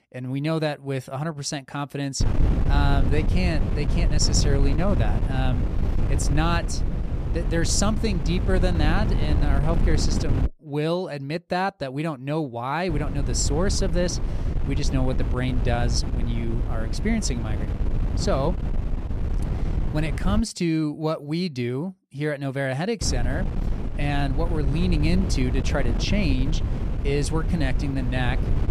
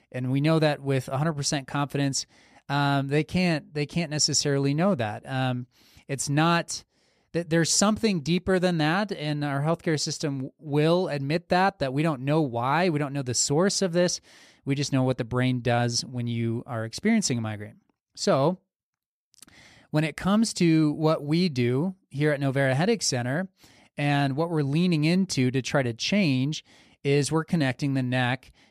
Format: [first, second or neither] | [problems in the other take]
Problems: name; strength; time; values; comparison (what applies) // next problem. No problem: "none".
second | wind noise on the microphone; heavy; from 2 to 10 s, from 13 to 20 s and from 23 s on; 8 dB below the speech